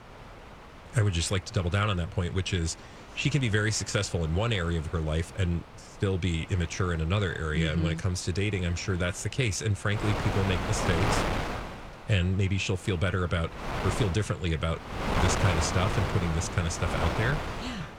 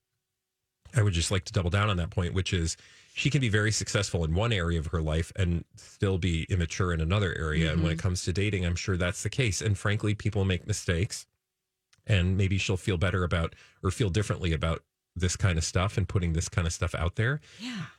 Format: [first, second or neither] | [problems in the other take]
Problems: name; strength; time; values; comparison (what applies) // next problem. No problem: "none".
second | wind noise on the microphone; heavy; 1 dB below the speech